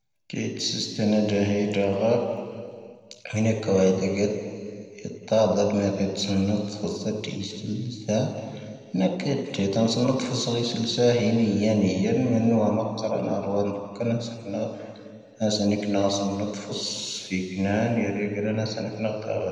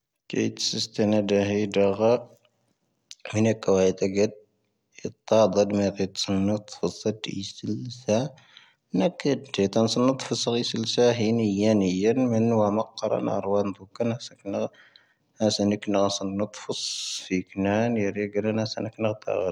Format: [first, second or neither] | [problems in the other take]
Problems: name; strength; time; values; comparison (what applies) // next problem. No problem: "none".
second | room echo; dies away in 2.1 s